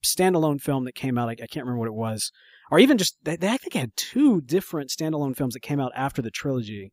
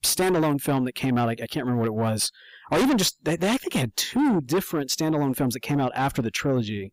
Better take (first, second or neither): first